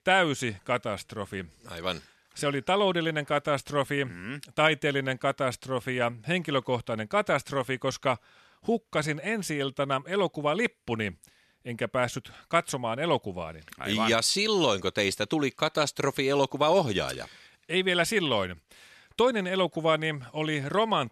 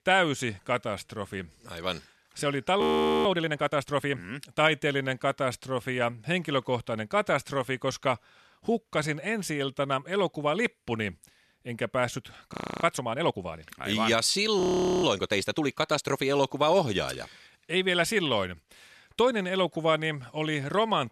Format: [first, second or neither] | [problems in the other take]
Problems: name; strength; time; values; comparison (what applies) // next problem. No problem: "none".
first | audio freezing; at 3 s, at 13 s and at 15 s